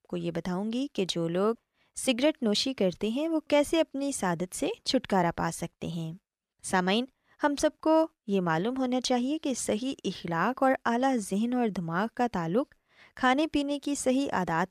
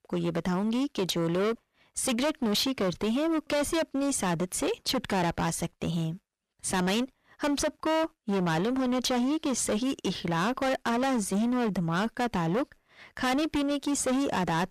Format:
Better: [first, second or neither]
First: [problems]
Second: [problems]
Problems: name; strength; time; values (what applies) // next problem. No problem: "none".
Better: first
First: none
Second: distortion; heavy; 24% of the sound clipped